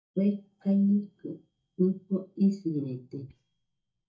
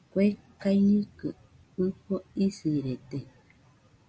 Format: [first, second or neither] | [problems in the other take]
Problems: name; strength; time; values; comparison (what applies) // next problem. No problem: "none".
second | noise reduction (neural mask model DeepFilterNet 3)